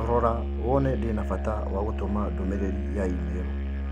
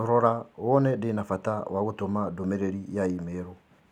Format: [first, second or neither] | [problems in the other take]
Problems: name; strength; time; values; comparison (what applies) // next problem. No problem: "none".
second | background sound (Musical instrument); as loud as the speech